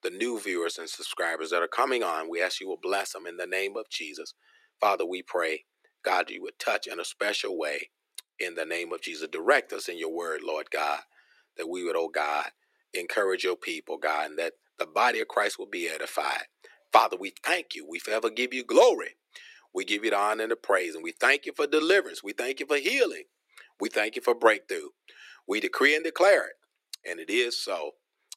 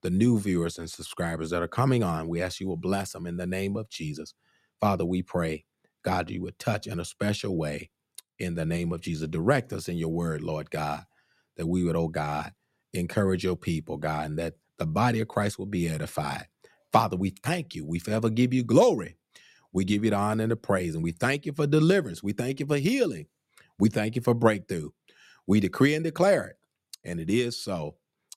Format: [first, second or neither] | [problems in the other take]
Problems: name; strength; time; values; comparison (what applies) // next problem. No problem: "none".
second | thin; very; fading below 350 Hz